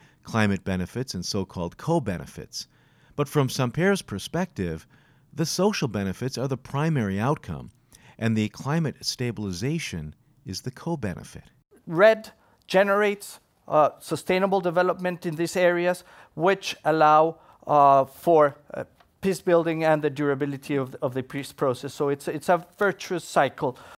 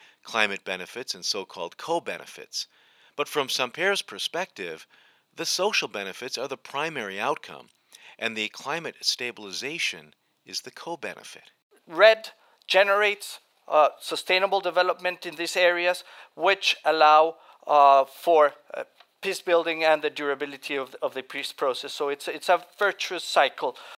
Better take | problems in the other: first | thin; very; fading below 550 Hz

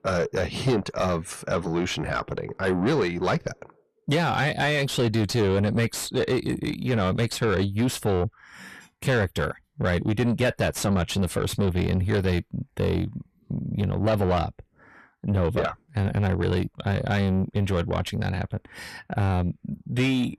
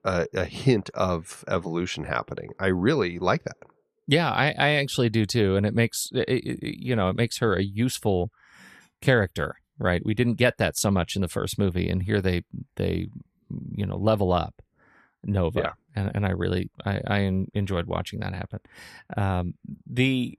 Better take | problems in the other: second | distortion; heavy; 7 dB below the speech

